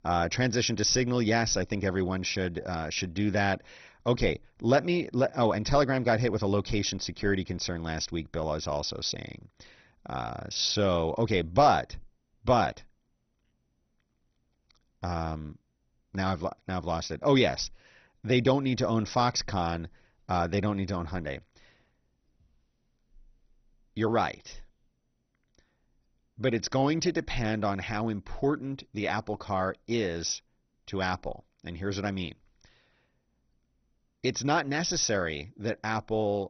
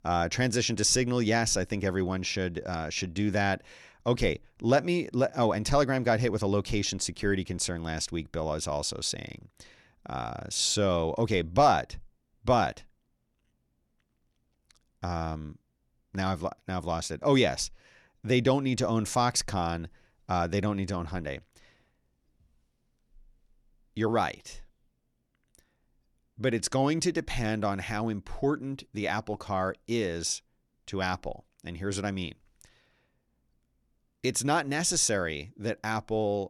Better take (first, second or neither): second